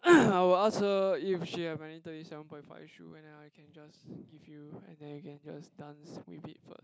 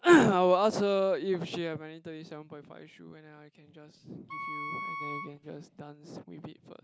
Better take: first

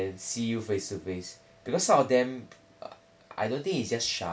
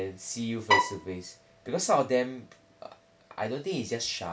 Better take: first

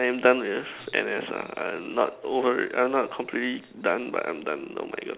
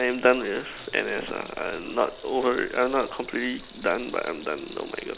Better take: first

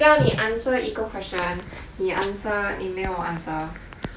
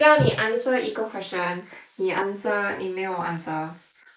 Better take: first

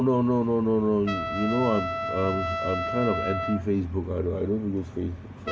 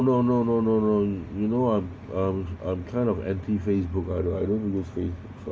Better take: second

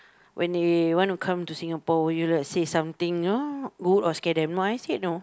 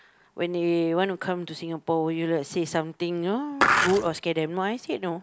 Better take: first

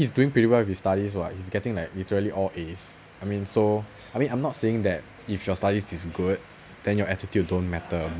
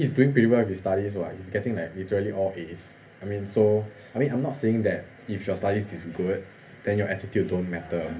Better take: first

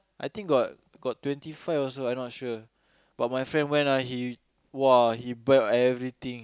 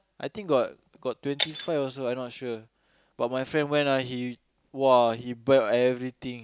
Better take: first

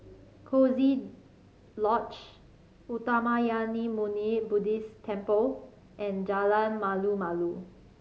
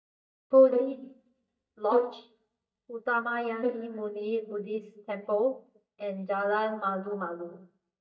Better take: first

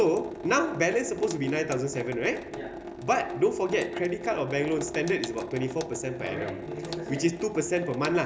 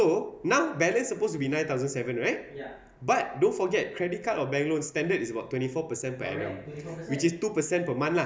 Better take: second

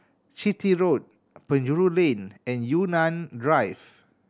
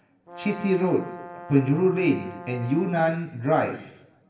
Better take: first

